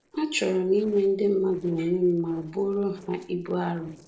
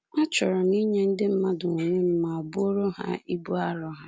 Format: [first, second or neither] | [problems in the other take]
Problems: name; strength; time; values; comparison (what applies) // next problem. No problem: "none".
second | noise reduction (neural separator model SepFormer DNS4)